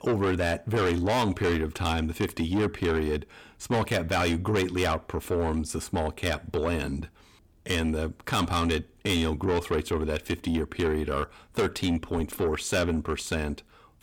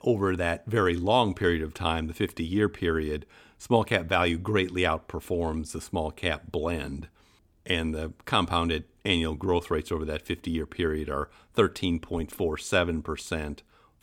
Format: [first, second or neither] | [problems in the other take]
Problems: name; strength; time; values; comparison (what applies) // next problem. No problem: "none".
second | distortion; heavy; 7 dB below the speech